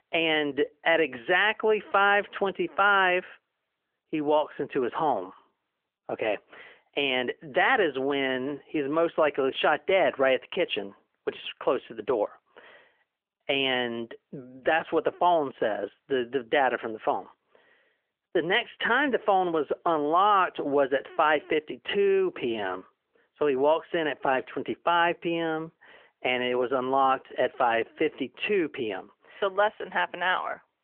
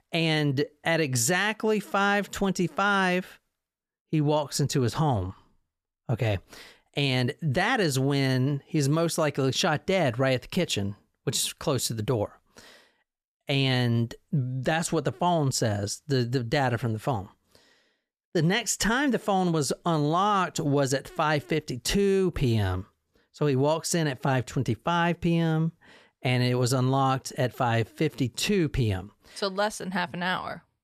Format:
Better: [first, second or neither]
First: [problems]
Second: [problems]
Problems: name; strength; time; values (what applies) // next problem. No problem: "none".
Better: second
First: phone-call audio; nothing above 3.5 kHz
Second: none